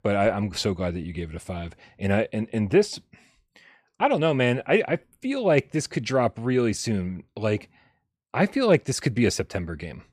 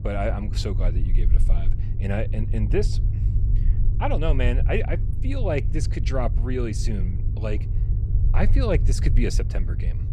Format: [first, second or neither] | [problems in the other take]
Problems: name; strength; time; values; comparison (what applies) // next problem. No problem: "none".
first | low rumble; noticeable; throughout; 10 dB below the speech